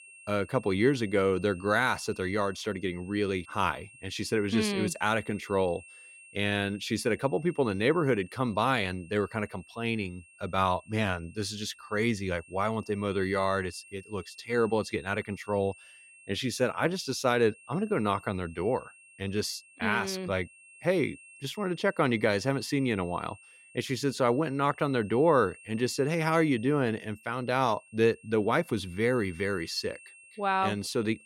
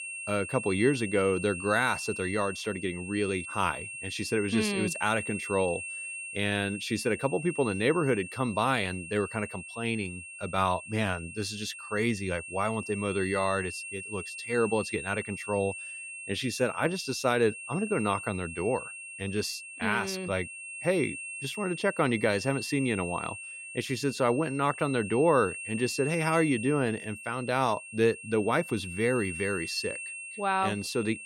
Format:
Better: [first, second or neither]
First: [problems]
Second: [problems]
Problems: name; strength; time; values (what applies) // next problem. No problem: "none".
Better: first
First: high-pitched whine; faint; throughout; 2.5 kHz, 20 dB below the speech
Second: high-pitched whine; loud; throughout; 2.5 kHz, 9 dB below the speech